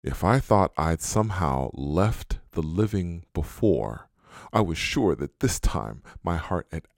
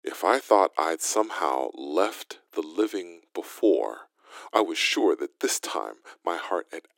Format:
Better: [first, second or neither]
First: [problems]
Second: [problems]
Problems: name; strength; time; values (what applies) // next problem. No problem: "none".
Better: first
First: none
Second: thin; very; fading below 300 Hz